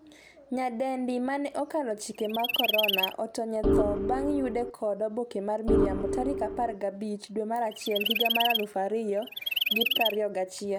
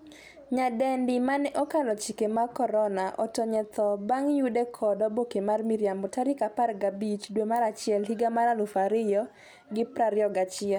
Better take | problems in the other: second | background sound (Organ + Chirp, tweet); 2 dB above the speech

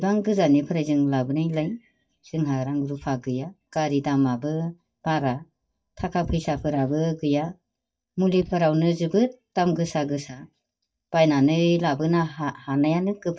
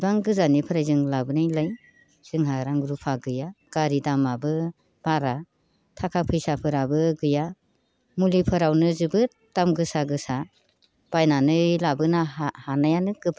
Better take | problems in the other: second | noise reduction (neural mask model DeepFilterNet 3)

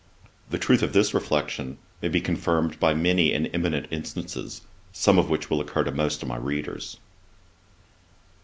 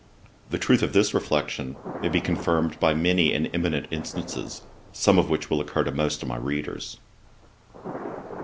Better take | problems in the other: first | background sound (Thunder); 16 dB below the speech

